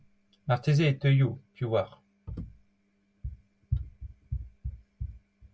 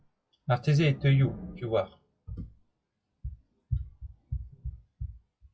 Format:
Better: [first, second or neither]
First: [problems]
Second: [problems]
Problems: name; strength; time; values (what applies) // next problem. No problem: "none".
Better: first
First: none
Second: noise reduction (classical method log-MMSE)